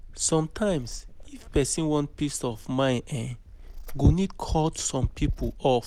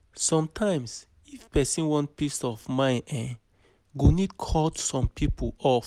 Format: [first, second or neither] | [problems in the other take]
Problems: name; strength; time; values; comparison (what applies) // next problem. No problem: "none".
second | background sound (Purr); 14 dB below the speech